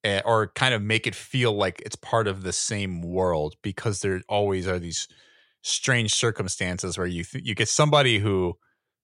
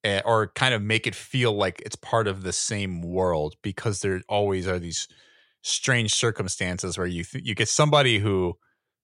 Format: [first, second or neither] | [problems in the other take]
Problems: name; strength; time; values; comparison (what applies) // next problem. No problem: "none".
neither | none